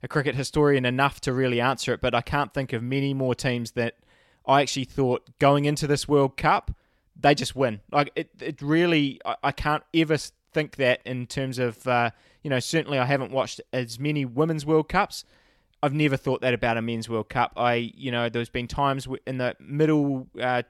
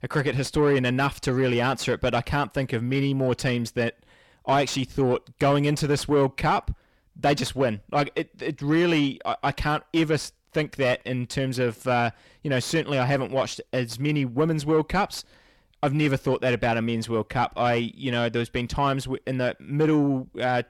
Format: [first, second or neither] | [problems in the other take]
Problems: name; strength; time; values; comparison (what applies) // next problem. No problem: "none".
first | distortion; slight; 10 dB below the speech